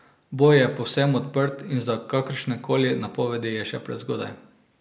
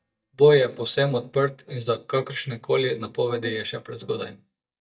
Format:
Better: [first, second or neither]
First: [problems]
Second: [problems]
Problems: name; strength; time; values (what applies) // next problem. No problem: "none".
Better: first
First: none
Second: noise reduction (neural mask model DeepFilterNet 3)